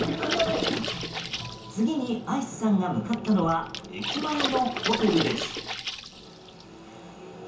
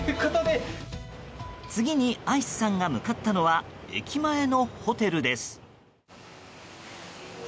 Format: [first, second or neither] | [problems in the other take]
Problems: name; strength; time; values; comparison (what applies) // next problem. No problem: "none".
second | background sound (Water / Splash, splatter); 5 dB below the speech // room echo; dies away in 0.6 s